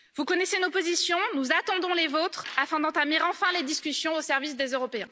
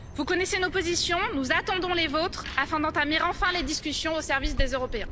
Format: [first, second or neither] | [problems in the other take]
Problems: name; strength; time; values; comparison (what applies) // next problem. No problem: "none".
first | background sound (Bird vocalization, bird call, bird song); 8 dB below the speech